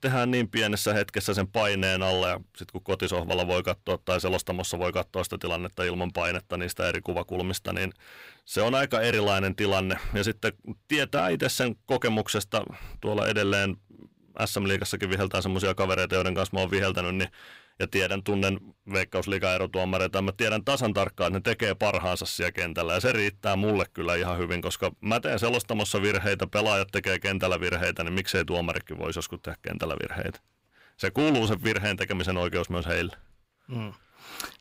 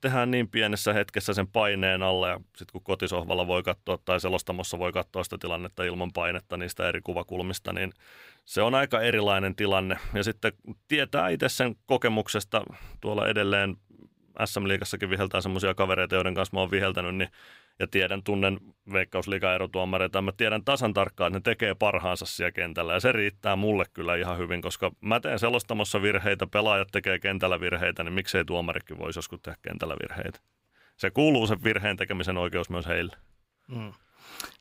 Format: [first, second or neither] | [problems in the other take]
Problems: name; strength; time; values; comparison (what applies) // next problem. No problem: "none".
second | distortion; slight; 10 dB below the speech